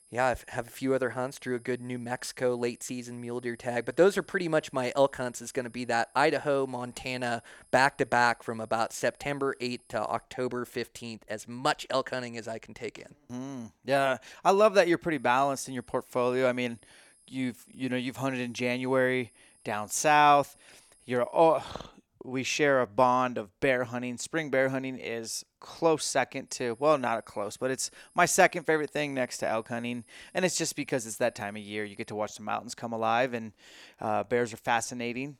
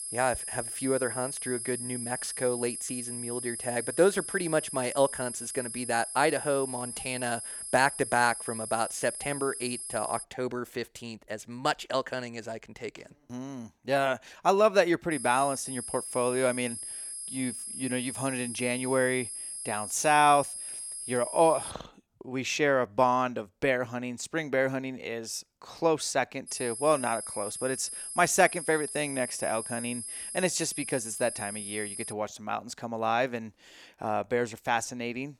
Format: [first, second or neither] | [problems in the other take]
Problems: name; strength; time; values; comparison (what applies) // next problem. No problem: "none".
first | high-pitched whine; loud; until 10 s, from 15 to 22 s and from 26 to 32 s; 11 kHz, 6 dB below the speech; faint in the first